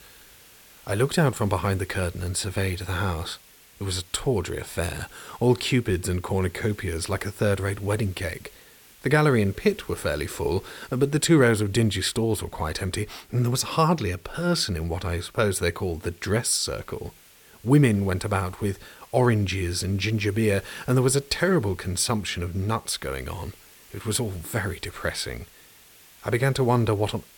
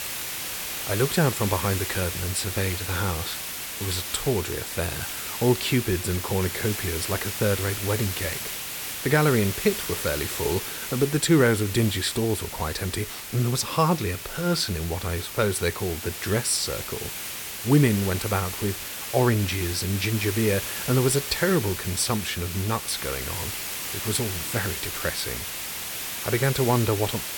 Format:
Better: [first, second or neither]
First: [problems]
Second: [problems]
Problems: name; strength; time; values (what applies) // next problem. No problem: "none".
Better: first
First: hiss; faint; throughout; 25 dB below the speech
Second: hiss; loud; throughout; 5 dB below the speech